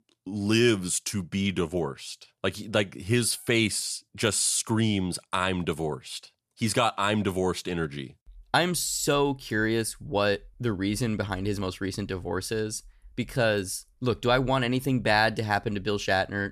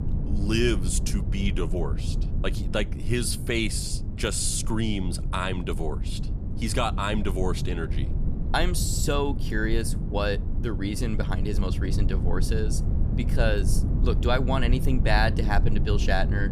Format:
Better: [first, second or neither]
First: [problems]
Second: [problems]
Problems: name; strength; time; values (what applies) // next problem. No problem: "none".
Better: first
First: none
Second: low rumble; noticeable; throughout; 10 dB below the speech